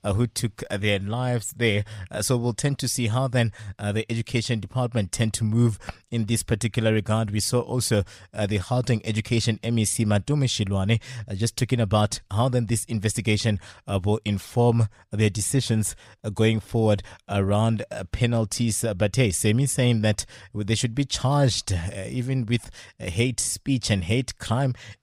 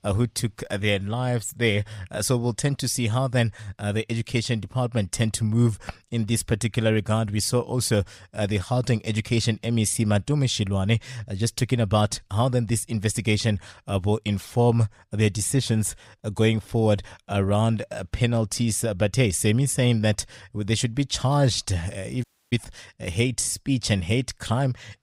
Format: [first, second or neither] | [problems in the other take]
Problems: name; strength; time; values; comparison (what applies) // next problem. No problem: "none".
first | audio cutting out; at 22 s